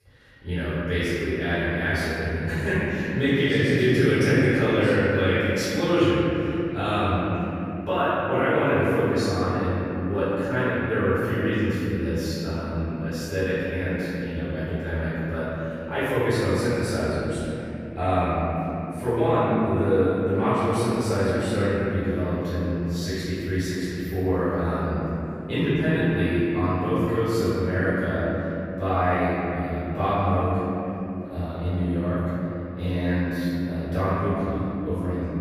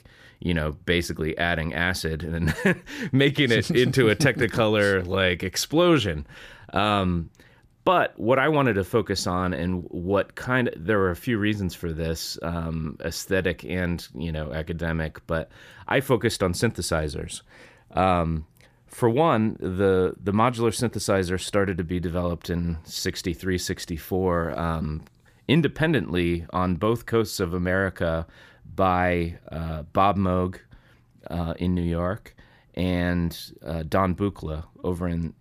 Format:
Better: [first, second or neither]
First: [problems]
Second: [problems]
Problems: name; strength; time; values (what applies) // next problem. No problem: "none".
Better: second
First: room echo; strong; dies away in 3 s // off-mic speech; far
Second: none